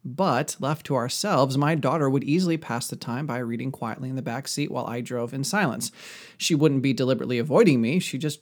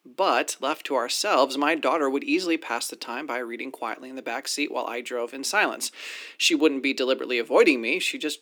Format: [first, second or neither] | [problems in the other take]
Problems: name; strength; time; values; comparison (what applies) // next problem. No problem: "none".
first | thin; somewhat; fading below 300 Hz